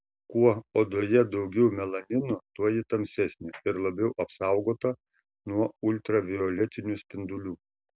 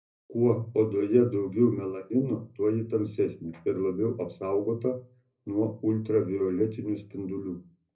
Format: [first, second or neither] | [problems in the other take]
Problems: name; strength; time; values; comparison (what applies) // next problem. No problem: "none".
first | room echo; dies away in 0.4 s